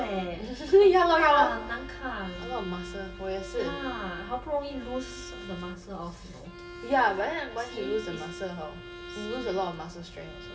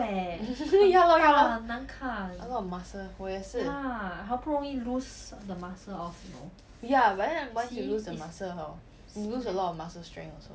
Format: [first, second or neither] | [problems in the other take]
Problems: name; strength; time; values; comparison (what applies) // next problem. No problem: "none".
second | background sound (Bowed string instrument); 15 dB below the speech // room echo; dies away in 2.9 s